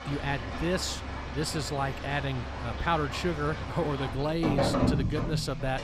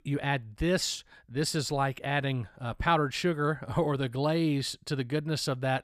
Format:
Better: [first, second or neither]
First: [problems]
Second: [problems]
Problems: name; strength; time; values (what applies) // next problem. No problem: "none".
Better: second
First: rain or running water; loud; throughout; 2 dB below the speech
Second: none